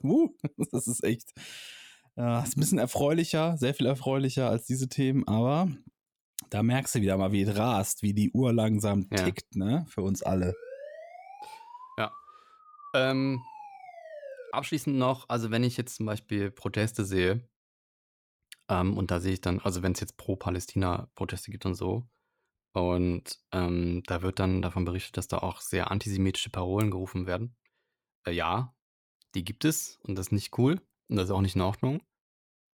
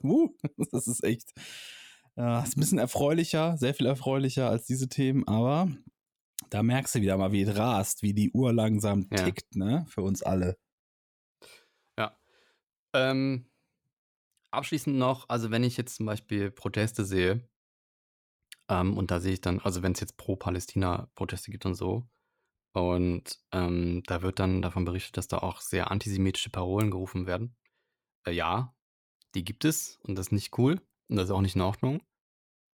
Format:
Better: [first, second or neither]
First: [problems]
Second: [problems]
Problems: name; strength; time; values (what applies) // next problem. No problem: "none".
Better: second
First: siren; faint; from 10 to 15 s; peak 15 dB below the speech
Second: none